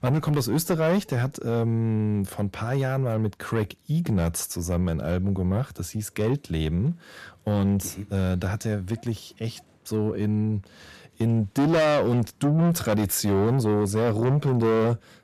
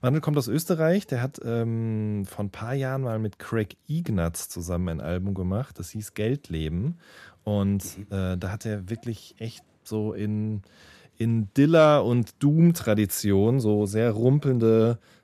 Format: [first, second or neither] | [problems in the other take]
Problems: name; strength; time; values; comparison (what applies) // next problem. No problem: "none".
second | distortion; heavy; 7 dB below the speech